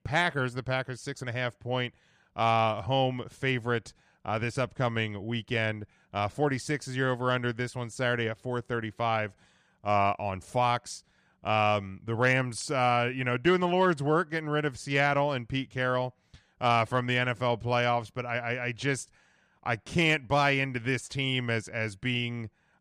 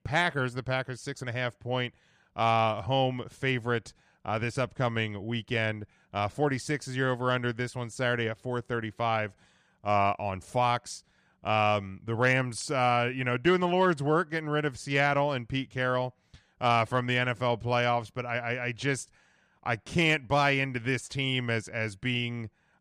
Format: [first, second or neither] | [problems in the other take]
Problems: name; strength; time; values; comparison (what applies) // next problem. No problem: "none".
neither | none